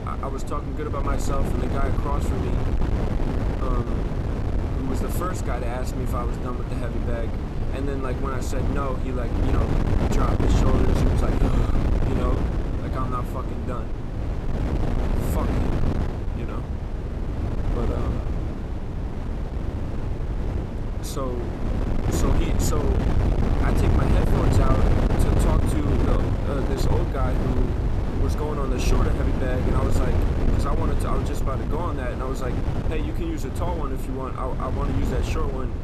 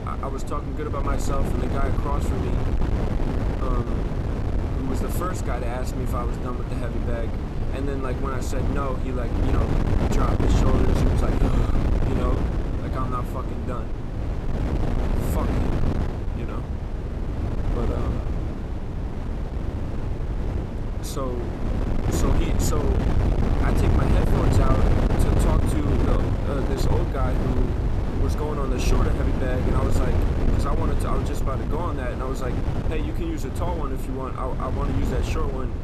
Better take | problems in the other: neither | wind noise on the microphone; heavy; as loud as the speech; the same in both

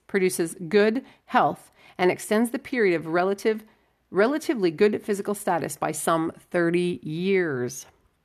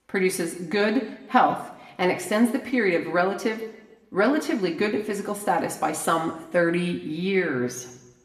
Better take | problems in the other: first | room echo; very slight; dies away in 0.8 s

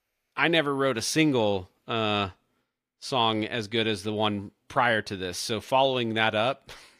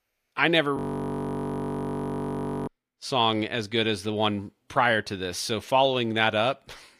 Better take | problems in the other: first | audio freezing; at 1 s for 2 s

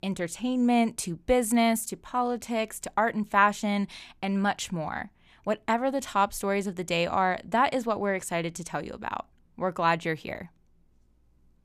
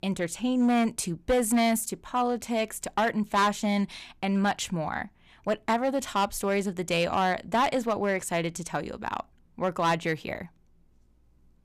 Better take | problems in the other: first | distortion; slight; 5% of the sound clipped

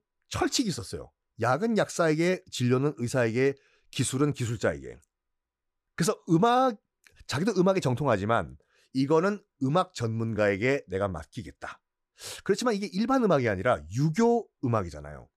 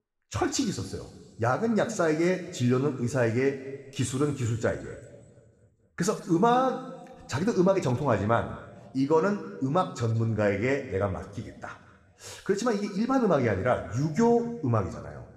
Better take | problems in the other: first | room echo; slight; dies away in 1.6 s

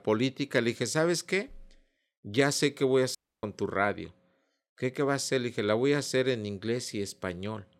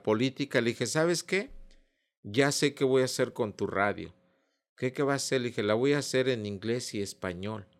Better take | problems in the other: second | audio cutting out; at 3 s

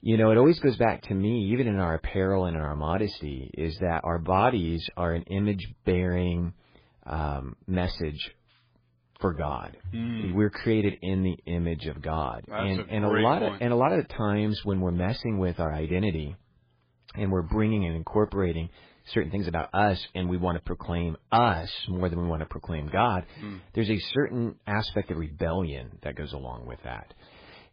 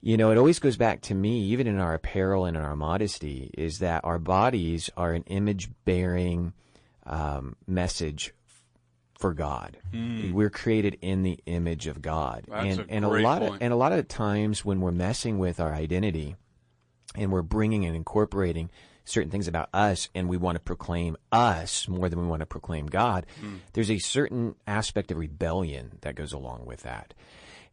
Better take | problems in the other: second | garbled, watery; badly; nothing above 5 kHz; slightly in the second

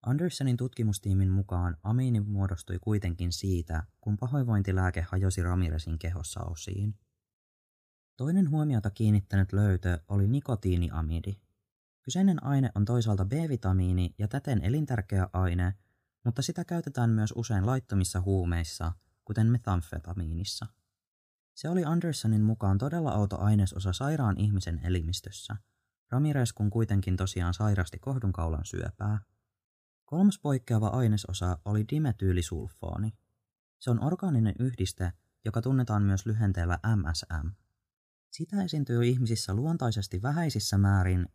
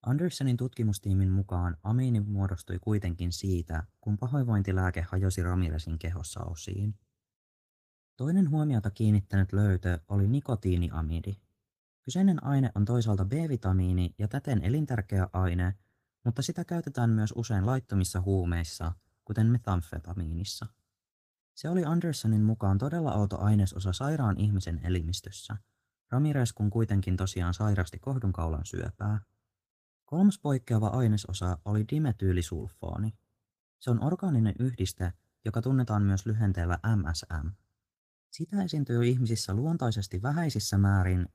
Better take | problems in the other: first | garbled, watery; slightly; nothing above 15 kHz

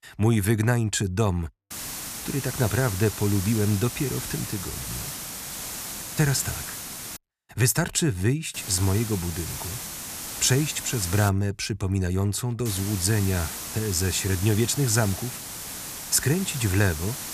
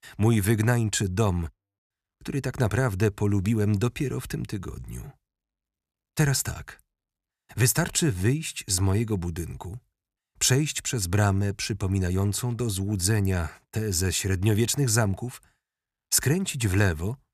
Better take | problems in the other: second | hiss; loud; from 1.5 to 7 s, from 8.5 to 11 s and from 13 s on; 8 dB below the speech

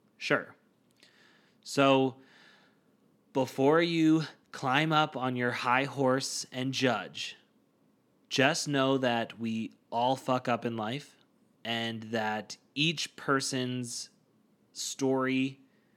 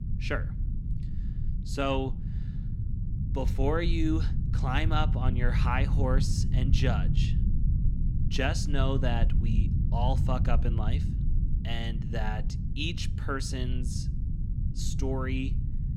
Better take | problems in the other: first | low rumble; loud; throughout; 10 dB below the speech

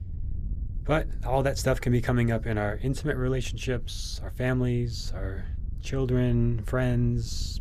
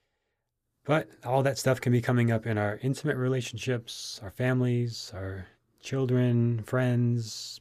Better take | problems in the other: second | wind noise on the microphone; occasional gusts; 25 dB below the speech

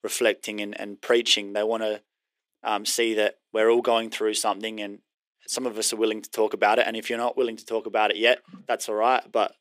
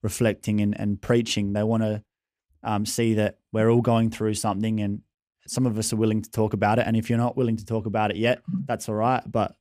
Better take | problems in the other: second | thin; very; fading below 350 Hz

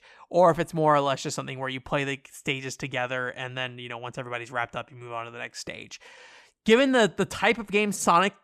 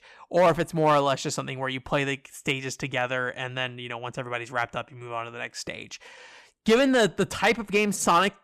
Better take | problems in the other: first | distortion; slight; 2% of the sound clipped

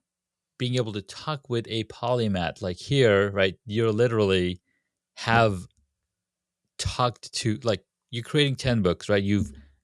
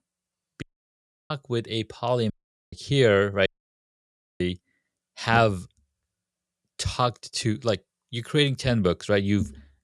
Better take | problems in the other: first | audio cutting out; at 0.5 s for 0.5 s, at 2.5 s and at 3.5 s for 1 s

